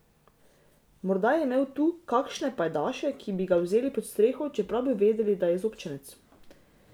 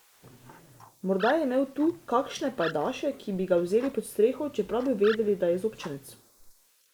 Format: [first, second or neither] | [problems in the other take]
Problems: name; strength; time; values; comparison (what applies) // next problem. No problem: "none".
first | noise reduction (neural mask model Resemble Enhance denoiser)